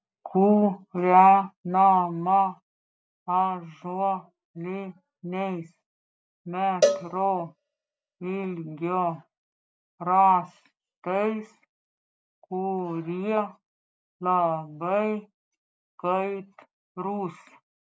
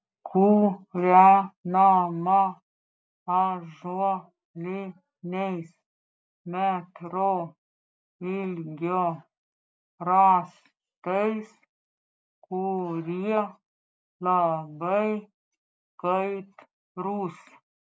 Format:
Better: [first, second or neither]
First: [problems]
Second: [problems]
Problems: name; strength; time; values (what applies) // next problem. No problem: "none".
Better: second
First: background sound (Cowbell); 3 dB below the speech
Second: none